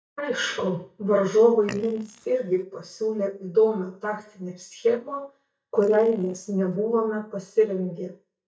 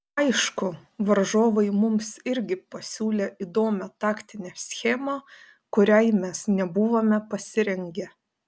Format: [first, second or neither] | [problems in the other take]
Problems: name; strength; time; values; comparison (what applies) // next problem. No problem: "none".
second | noise reduction (neural mask model DeepFilterNet 3)